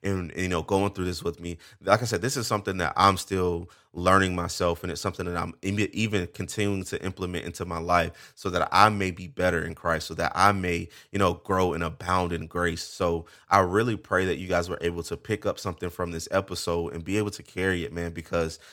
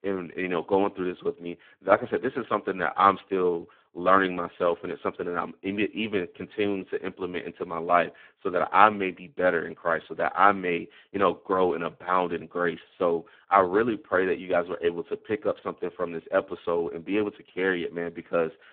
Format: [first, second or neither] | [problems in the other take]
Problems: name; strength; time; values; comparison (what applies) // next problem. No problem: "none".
first | phone-call audio; poor line